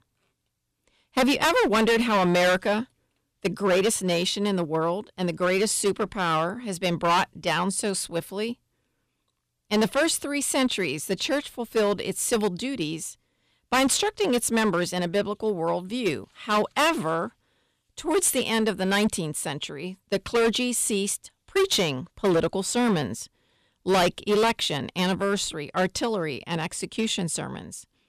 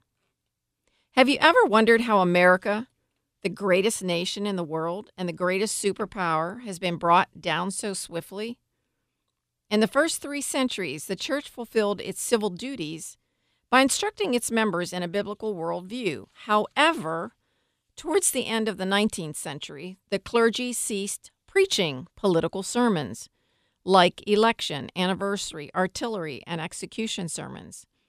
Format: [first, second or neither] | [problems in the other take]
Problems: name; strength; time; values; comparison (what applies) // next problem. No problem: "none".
second | distortion; heavy; 7% of the sound clipped